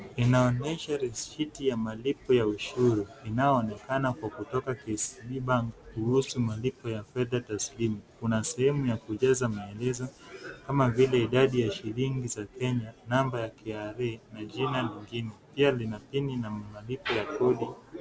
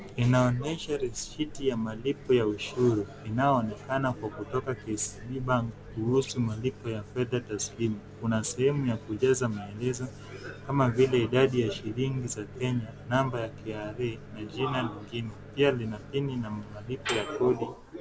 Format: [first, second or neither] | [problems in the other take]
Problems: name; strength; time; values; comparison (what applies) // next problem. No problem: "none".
first | background sound (Microwave oven); 16 dB below the speech